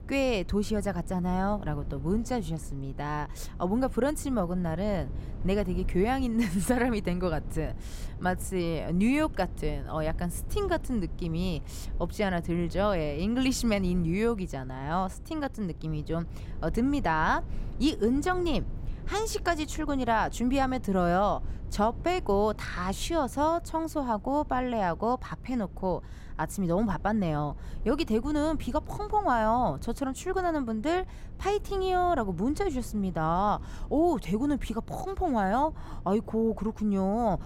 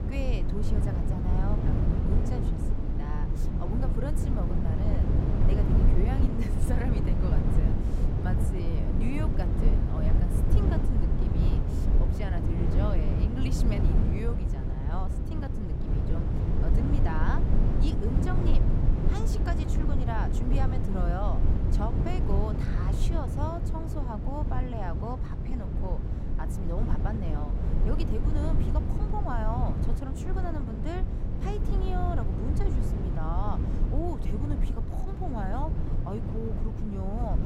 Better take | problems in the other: first | low rumble; loud; throughout; 1 dB below the speech; faint in the first

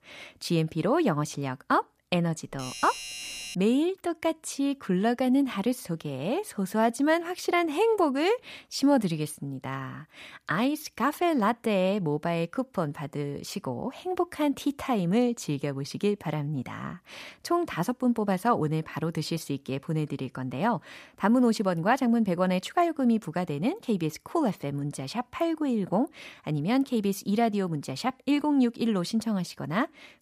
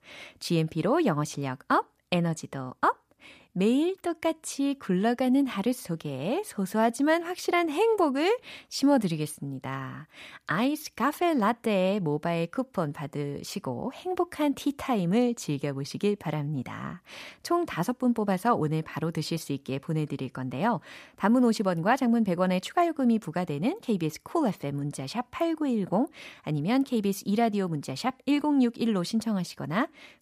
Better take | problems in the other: second | doorbell; noticeable; from 2.5 to 3.5 s; peak 7 dB below the speech

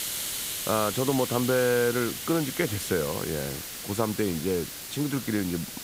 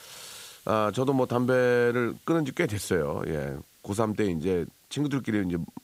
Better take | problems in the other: second | hiss; loud; throughout; 5 dB below the speech; faint in the second

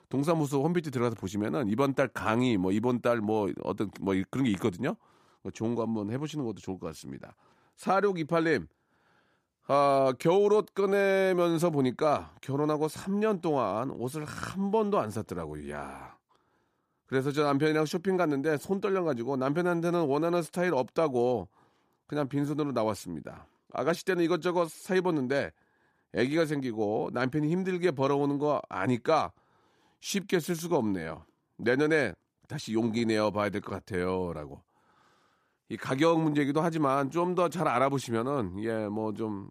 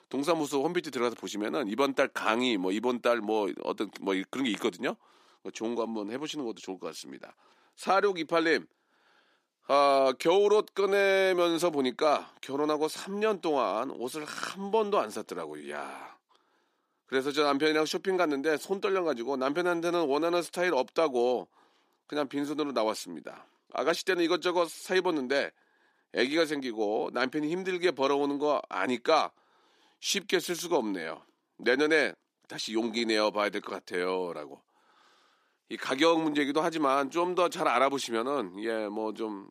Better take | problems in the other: first | thin; very slightly; fading below 250 Hz

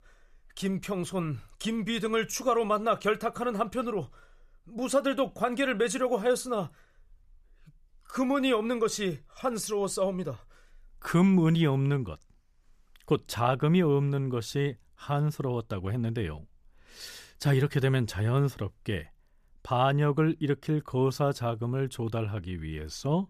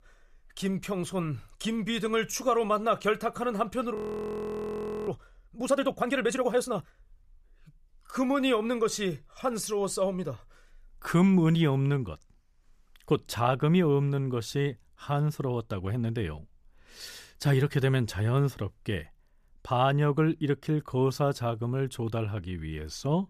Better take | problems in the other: first | audio freezing; at 4 s for 1 s

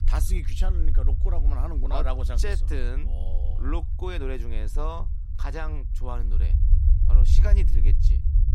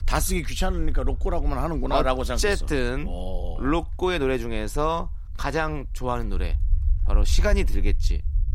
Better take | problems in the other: second | low rumble; loud; throughout; 8 dB below the speech; faint in the second

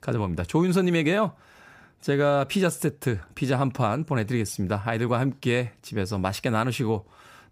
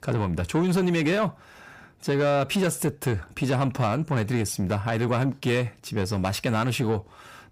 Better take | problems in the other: first | distortion; slight; 10 dB below the speech

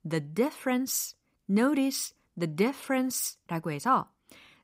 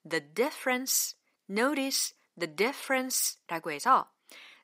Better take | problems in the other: first | thin; somewhat; fading below 400 Hz

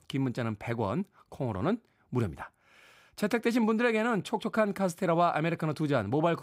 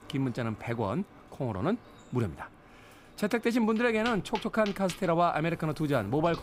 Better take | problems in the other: first | rain or running water; noticeable; throughout; 20 dB below the speech

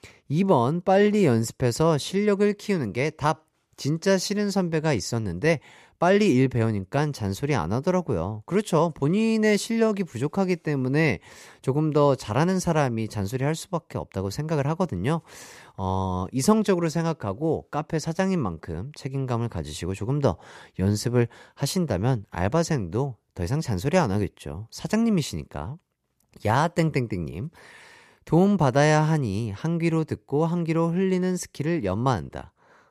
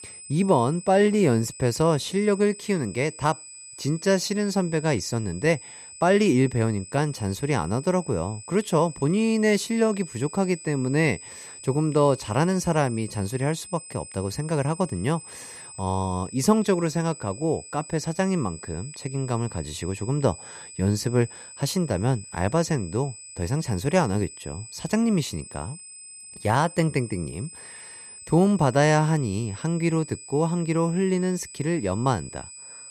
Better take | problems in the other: first | high-pitched whine; noticeable; throughout; 8 kHz, 15 dB below the speech

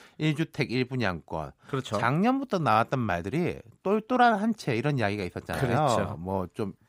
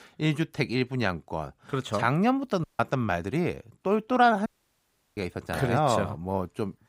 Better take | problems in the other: first | audio cutting out; at 2.5 s and at 4.5 s for 0.5 s

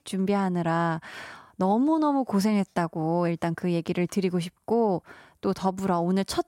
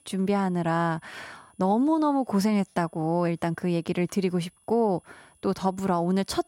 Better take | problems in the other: first | high-pitched whine; faint; throughout; 10 kHz, 35 dB below the speech

